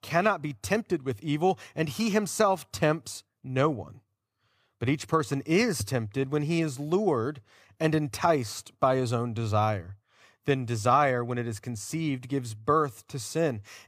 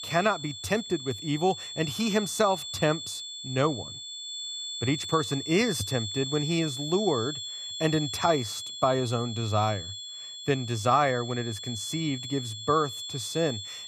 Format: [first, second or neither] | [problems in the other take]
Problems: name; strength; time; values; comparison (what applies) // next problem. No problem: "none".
first | high-pitched whine; loud; throughout; 3.5 kHz, 7 dB below the speech